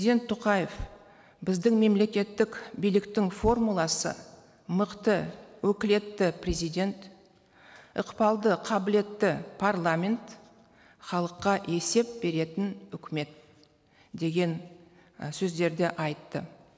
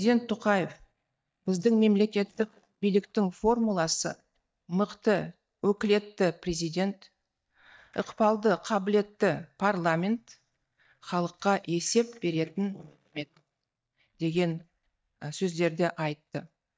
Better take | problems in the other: first | noise reduction (neural mask model DeepFilterNet 3)

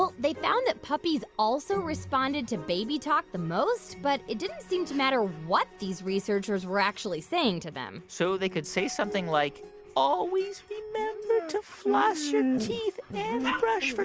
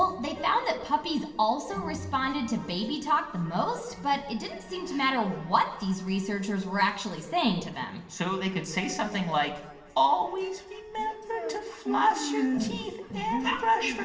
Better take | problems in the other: first | room echo; dies away in 0.9 s

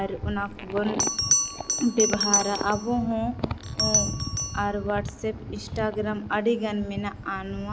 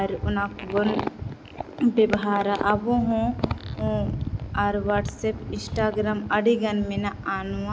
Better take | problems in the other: second | background sound (Bell); 3 dB below the speech

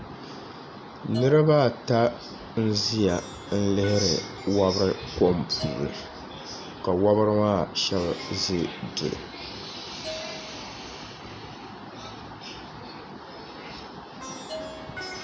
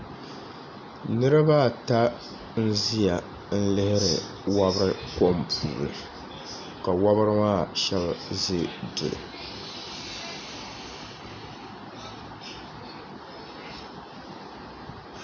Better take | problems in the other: second | background sound (Plucked string instrument + Bell / Percussion); 17 dB below the speech

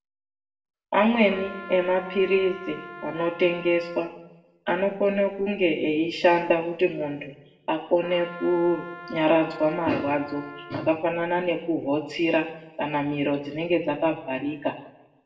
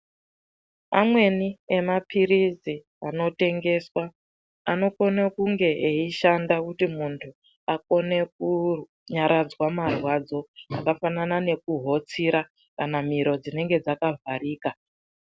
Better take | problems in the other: second | background sound (Trumpet); 16 dB below the speech // room echo; dies away in 0.8 s

